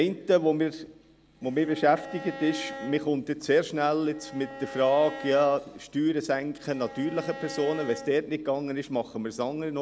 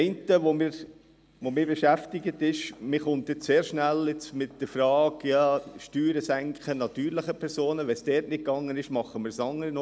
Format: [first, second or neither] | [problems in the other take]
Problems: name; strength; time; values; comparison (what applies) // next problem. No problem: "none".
second | background sound (Bowed string instrument); 15 dB below the speech